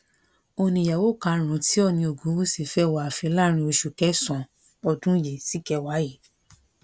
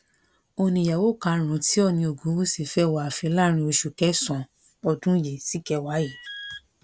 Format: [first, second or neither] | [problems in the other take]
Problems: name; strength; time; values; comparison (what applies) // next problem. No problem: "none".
first | background sound (Alarm); 16 dB below the speech